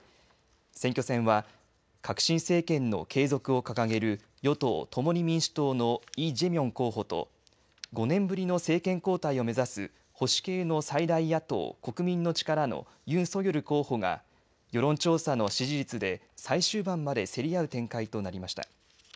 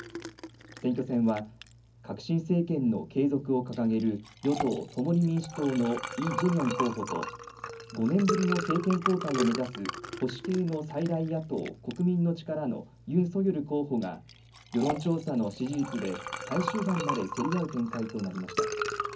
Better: first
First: none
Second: background sound (Liquid); 8 dB below the speech // room echo; dies away in 0.4 s

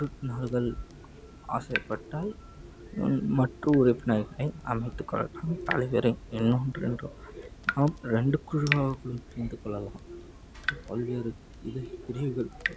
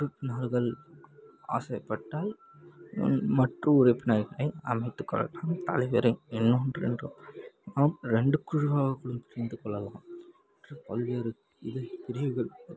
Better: second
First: background sound (Drip / Water tap, faucet); 11 dB below the speech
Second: none

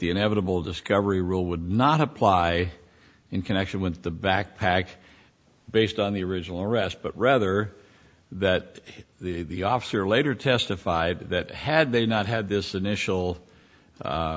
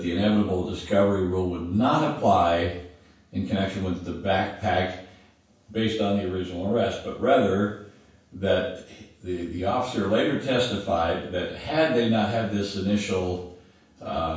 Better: first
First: none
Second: room echo; dies away in 0.7 s

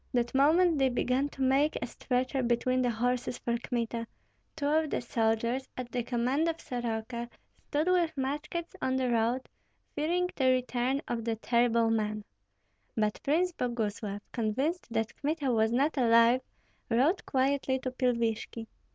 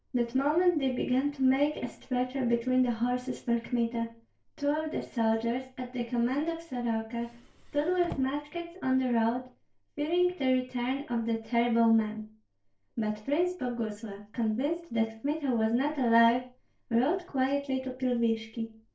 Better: first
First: none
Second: noise reduction (neural separator model SepFormer DNS4)

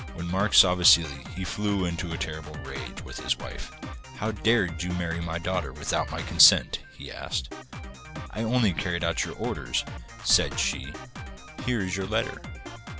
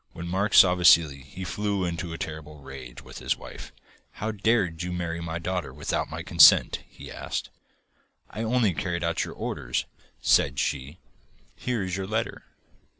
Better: second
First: background sound (Drum kit); 10 dB below the speech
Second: none

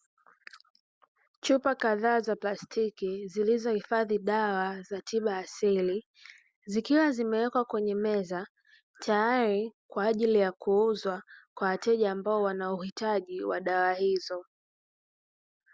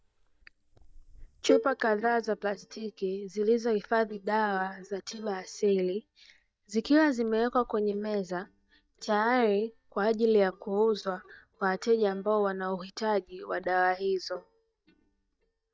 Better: first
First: none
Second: noise reduction (neural mask model DeepFilterNet 3)

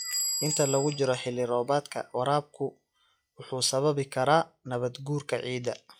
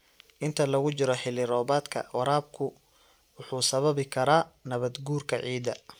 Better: second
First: noise reduction (classical method log-MMSE)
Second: none

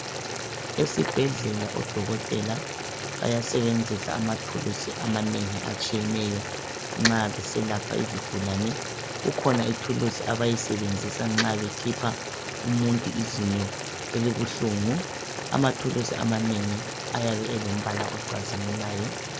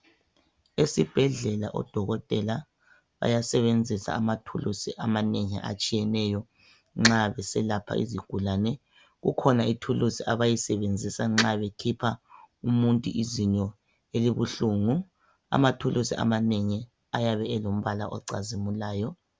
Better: second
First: background sound (Boiling); 6 dB below the speech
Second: none

